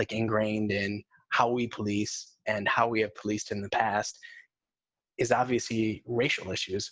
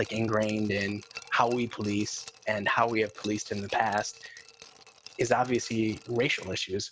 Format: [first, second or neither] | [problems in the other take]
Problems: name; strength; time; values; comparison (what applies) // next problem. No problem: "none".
first | background sound (Glass); 20 dB below the speech